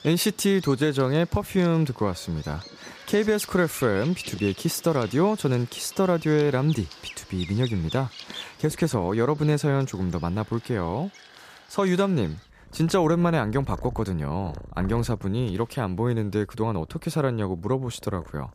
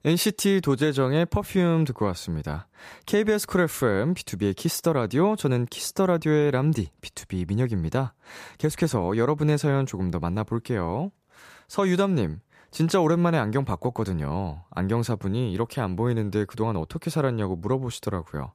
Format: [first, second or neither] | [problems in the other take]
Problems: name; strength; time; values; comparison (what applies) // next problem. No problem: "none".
second | animal sounds; noticeable; throughout; 15 dB below the speech